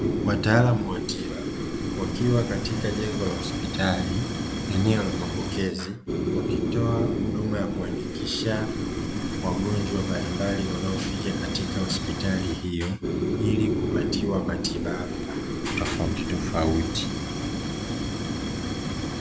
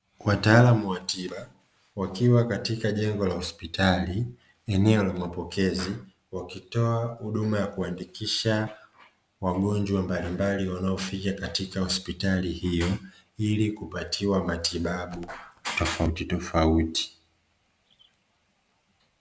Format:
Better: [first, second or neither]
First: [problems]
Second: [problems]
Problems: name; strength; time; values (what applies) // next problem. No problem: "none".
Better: second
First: background sound (Fire); as loud as the speech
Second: none